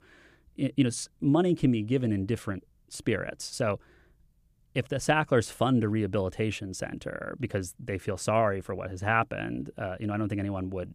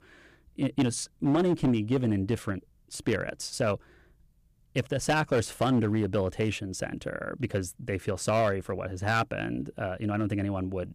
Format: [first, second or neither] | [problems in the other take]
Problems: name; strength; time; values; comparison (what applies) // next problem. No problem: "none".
first | distortion; slight; 4% of the sound clipped